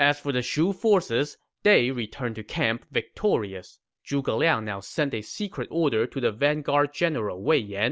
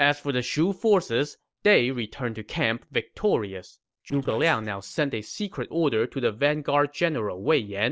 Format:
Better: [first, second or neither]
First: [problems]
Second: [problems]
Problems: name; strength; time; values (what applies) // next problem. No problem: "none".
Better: first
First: none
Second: noise reduction (neural separator model SepFormer DNS4)